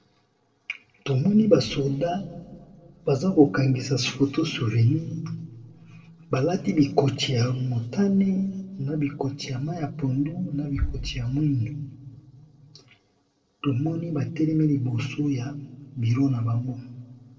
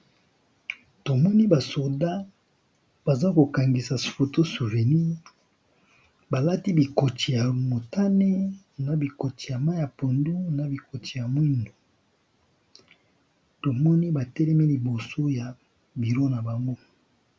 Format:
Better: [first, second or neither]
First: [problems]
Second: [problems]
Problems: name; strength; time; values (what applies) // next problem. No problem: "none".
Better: second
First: noise reduction (neural separator model SepFormer DNS4)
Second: none